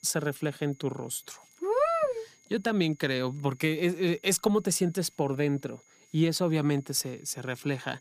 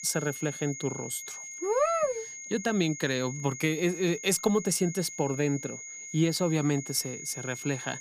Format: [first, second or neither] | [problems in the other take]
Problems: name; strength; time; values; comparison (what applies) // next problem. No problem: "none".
first | high-pitched whine; loud; throughout; 6.5 kHz, 10 dB below the speech; faint in the first